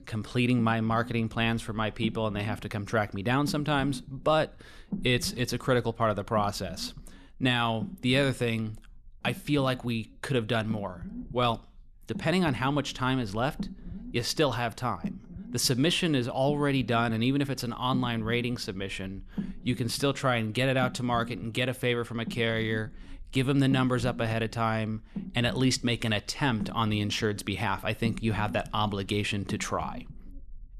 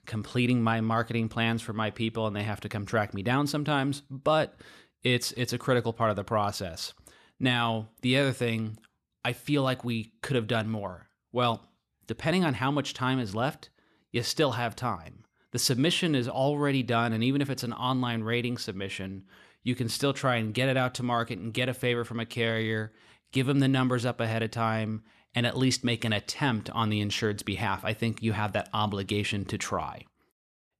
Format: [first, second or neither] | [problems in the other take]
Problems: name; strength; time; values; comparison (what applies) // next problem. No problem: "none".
second | low rumble; noticeable; throughout; 20 dB below the speech